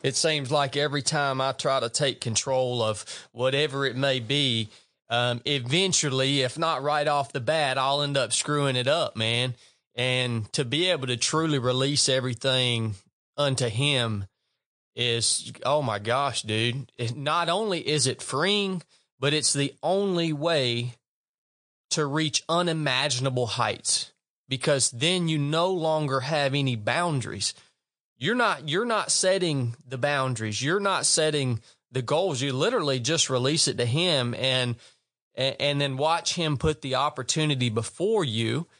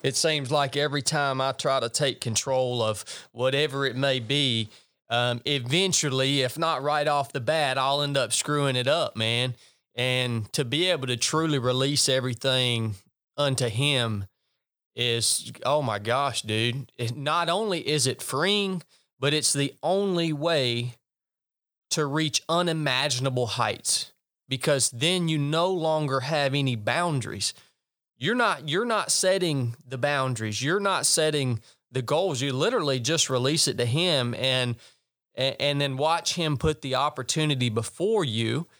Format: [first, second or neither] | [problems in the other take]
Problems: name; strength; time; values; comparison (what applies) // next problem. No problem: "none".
second | garbled, watery; slightly; nothing above 9 kHz